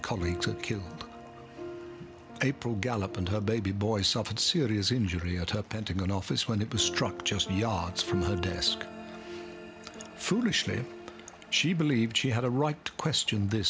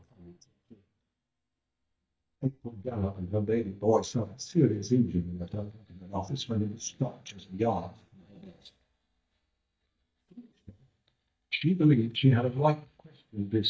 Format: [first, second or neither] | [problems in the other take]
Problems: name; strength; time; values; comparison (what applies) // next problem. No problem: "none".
first | noise reduction (neural mask model DeepFilterNet 3)